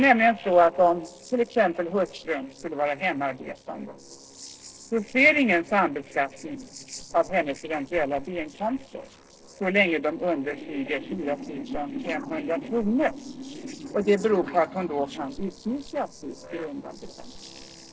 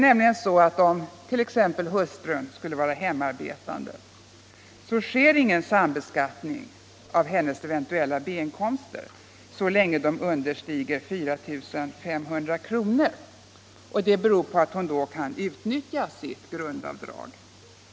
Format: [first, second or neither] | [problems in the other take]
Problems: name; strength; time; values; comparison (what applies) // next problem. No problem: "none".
second | noise reduction (neural separator model SepFormer DNS4)